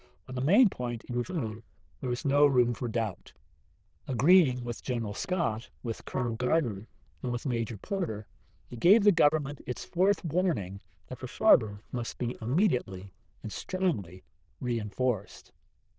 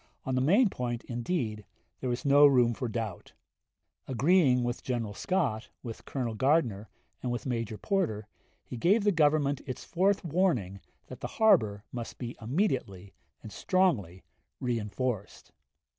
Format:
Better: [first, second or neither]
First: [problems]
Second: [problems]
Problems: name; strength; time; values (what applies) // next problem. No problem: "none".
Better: second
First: noise reduction (neural diffusion model UNIVERSE++)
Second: none